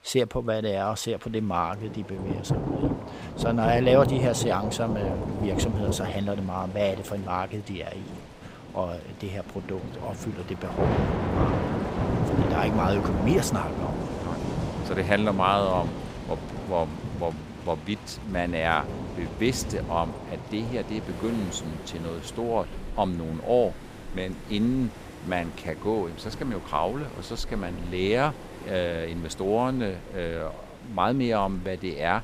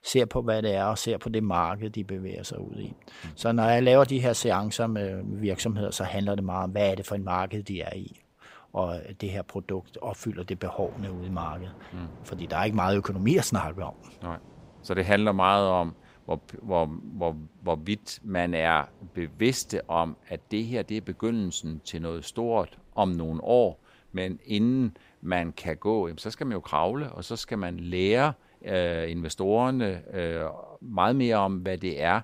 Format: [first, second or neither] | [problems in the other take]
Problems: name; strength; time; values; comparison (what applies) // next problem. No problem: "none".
second | rain or running water; loud; throughout; 4 dB below the speech; faint in the second